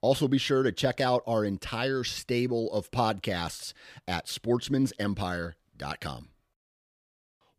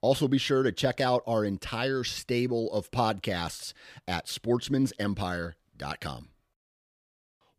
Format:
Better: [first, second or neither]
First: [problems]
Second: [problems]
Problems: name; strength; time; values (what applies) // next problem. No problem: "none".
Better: neither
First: none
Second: none